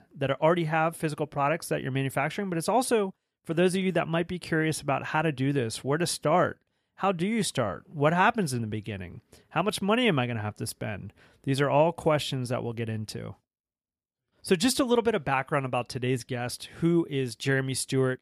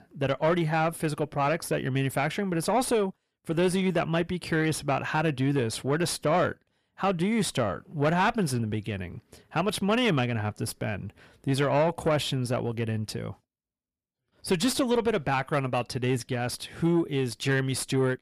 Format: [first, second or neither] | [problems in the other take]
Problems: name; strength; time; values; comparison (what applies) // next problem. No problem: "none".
first | distortion; slight; 10 dB below the speech